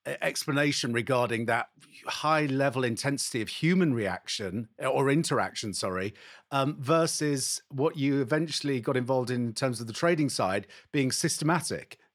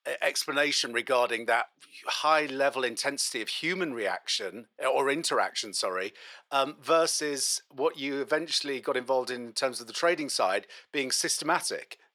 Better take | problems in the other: first | thin; somewhat; fading below 500 Hz

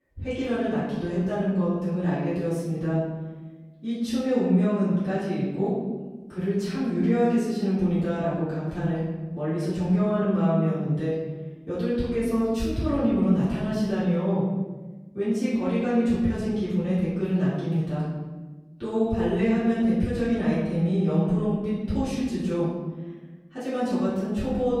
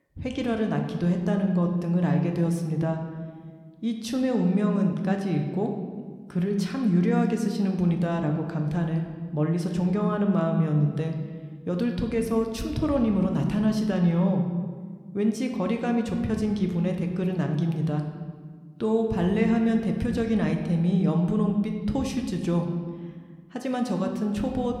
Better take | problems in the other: second | room echo; strong; dies away in 1.2 s; slight in the second // off-mic speech; far

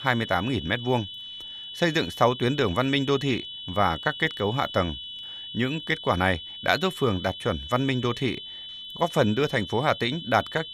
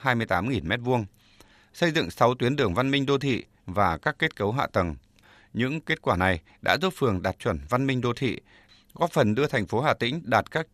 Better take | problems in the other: second | high-pitched whine; noticeable; throughout; 3 kHz, 10 dB below the speech

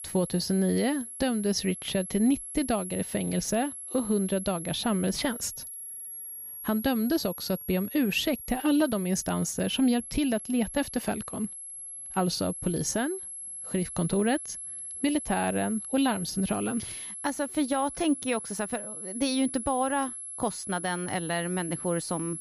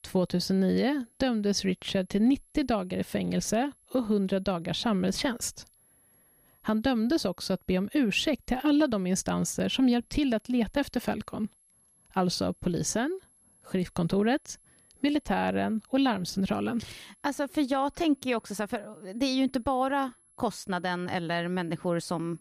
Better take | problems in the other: second | high-pitched whine; loud; throughout; 11 kHz, 8 dB below the speech; faint in the second

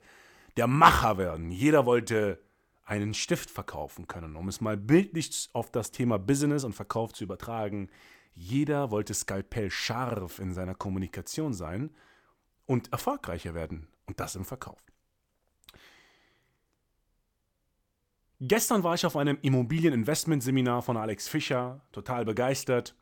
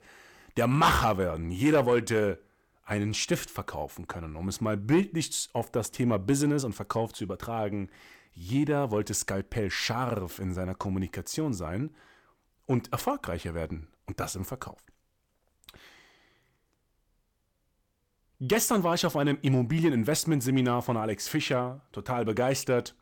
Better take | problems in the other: first | distortion; slight; 10 dB below the speech

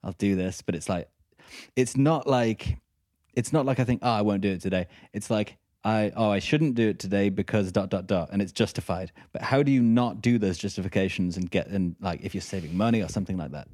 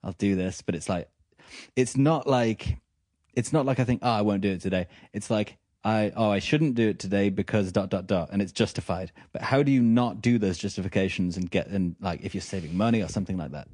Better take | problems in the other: first | garbled, watery; slightly; nothing above 8.5 kHz

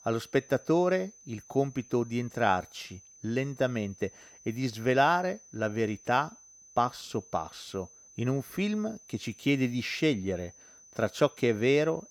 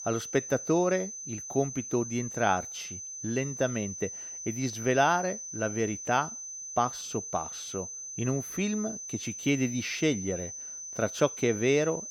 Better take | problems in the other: first | high-pitched whine; loud; throughout; 6 kHz, 7 dB below the speech; faint in the first

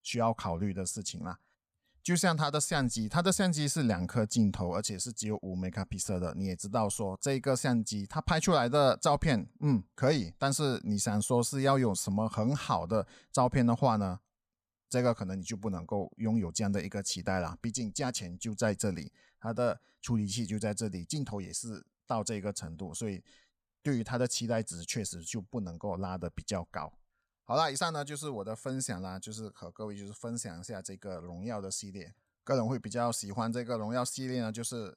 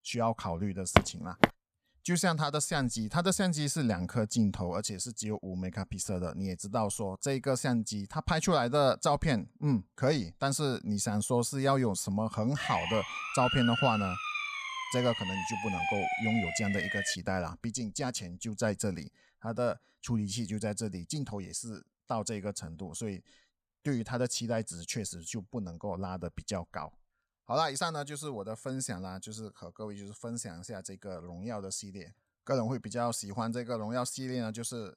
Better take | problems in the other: first | footsteps; loud; at 1 s; peak 6 dB above the speech // siren; loud; from 13 to 17 s; peak 2 dB above the speech

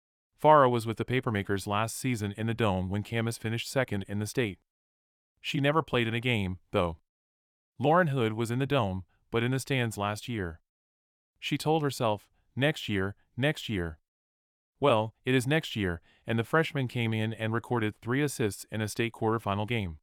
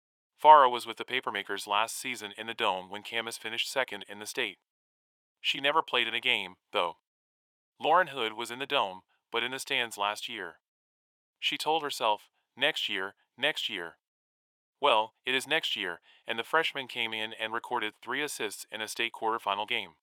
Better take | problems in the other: first | thin; very; fading below 500 Hz

